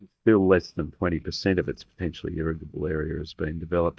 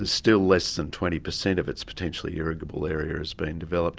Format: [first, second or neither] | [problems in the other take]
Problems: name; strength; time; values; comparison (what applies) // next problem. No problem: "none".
second | noise reduction (neural mask model DeepFilterNet 3)